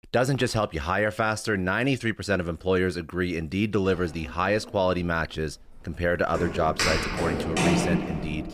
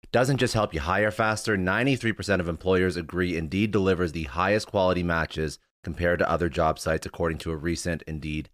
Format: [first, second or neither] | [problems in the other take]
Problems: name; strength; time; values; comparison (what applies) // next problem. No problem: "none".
second | footsteps; loud; from 4.5 s on; peak 4 dB above the speech